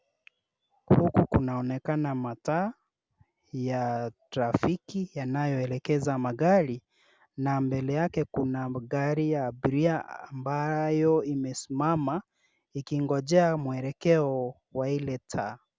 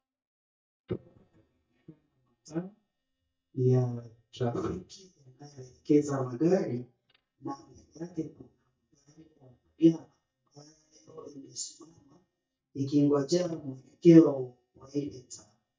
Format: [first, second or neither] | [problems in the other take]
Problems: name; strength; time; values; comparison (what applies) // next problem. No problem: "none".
first | noise reduction (neural mask model DeepFilterNet 3)